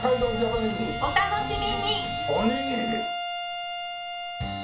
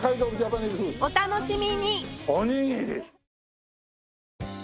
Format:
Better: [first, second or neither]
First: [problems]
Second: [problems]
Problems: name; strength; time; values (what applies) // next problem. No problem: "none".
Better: second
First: background sound (Bowed string instrument); 4 dB below the speech // room echo; dies away in 0.4 s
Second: none